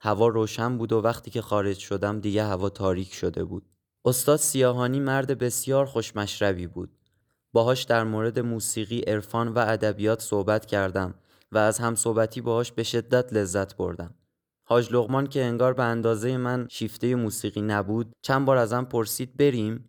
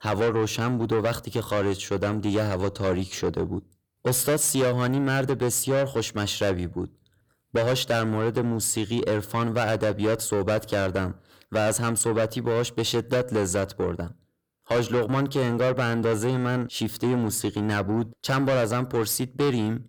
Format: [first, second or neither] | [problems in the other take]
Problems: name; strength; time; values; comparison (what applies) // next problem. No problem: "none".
first | distortion; heavy; 7 dB below the speech